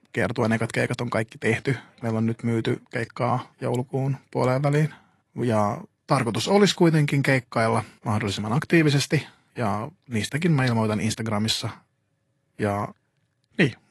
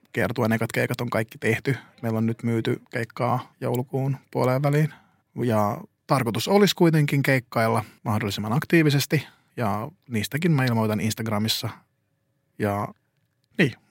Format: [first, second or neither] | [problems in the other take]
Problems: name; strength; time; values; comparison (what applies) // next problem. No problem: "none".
second | garbled, watery; slightly; nothing above 11.5 kHz